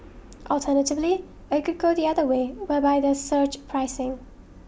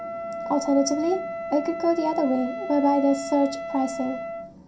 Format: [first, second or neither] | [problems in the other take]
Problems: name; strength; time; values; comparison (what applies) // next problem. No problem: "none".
first | background sound (Wind instrument, woodwind instrument); 8 dB below the speech // room echo; dies away in 0.3 s